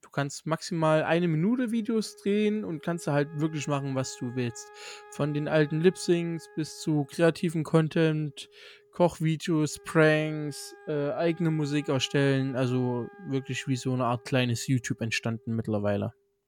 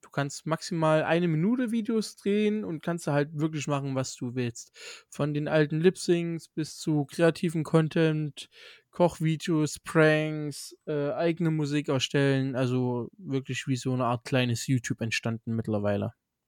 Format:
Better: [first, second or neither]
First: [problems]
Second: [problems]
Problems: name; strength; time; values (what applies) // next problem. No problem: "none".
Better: second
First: background music; faint; throughout; 25 dB below the speech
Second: none